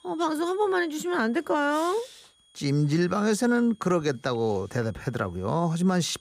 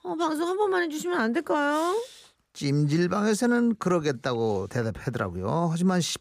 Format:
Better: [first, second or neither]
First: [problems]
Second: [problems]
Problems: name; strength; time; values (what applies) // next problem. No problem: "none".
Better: second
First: high-pitched whine; faint; throughout; 3.5 kHz, 30 dB below the speech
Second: none